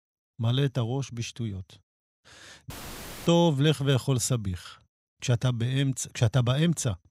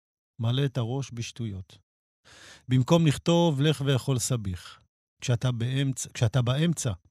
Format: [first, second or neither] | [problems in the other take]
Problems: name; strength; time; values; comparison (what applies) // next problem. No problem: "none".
second | audio cutting out; filled with static; at 2.5 s for 0.5 s